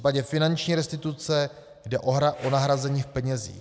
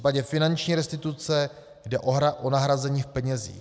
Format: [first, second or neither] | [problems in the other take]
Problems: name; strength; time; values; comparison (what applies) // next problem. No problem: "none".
second | background sound (Whoosh, swoosh, swish); 20 dB below the speech